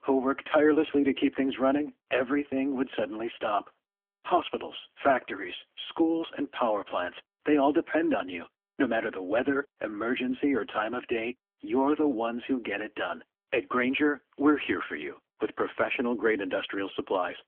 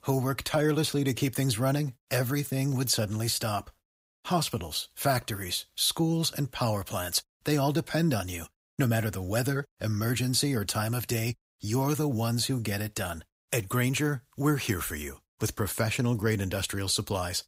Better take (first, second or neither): second